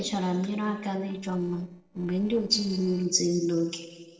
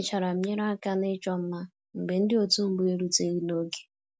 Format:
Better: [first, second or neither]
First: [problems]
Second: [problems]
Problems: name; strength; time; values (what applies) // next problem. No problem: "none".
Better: second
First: noise reduction (neural separator model SepFormer DNS4)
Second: none